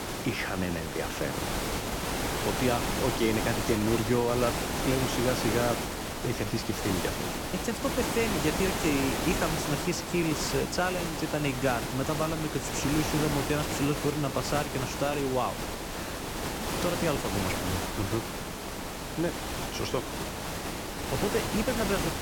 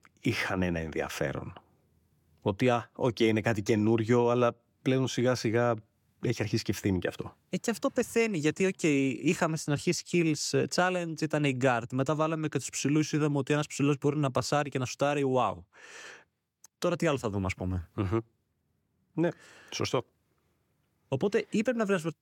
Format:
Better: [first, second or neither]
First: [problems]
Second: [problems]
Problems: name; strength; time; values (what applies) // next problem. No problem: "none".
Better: second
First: hiss; loud; throughout; 1 dB below the speech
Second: none